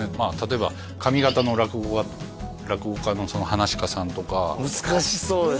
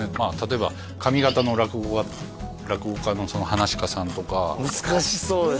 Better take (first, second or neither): first